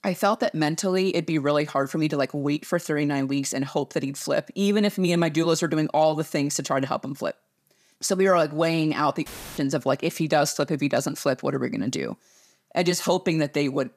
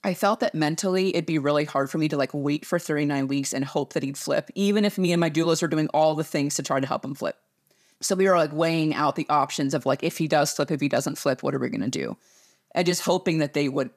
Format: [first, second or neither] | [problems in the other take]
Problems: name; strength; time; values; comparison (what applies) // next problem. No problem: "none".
second | audio cutting out; filled with static; at 9.5 s